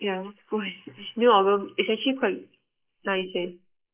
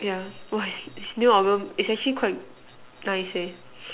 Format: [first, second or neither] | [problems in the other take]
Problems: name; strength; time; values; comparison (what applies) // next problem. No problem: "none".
second | noise reduction (neural mask model Resemble Enhance denoiser)